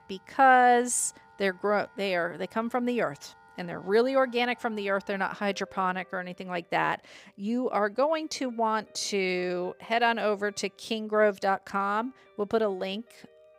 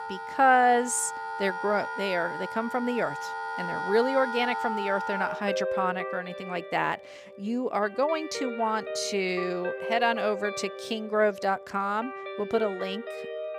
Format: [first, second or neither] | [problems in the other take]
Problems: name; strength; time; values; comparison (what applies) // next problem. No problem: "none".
first | background music; loud; throughout; 7 dB below the speech; faint in the first